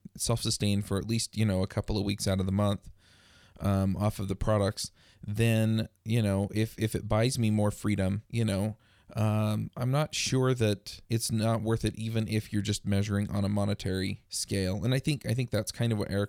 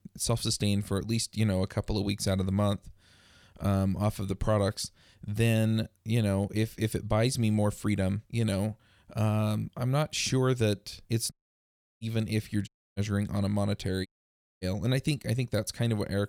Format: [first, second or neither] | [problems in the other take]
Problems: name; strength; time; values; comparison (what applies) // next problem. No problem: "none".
first | audio cutting out; at 11 s for 0.5 s, at 13 s and at 14 s for 0.5 s